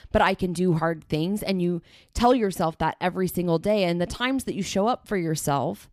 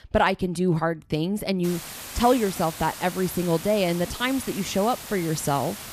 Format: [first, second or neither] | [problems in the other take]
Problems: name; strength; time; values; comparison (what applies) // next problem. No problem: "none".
first | hiss; noticeable; from 1.5 s on; 10 dB below the speech